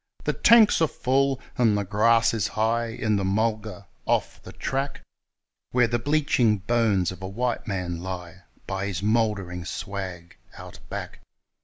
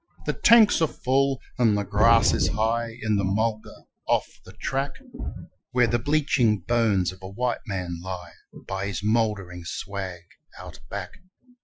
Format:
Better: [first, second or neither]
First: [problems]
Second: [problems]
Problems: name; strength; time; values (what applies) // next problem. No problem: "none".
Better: first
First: none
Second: noise reduction (classical method Wiener filter)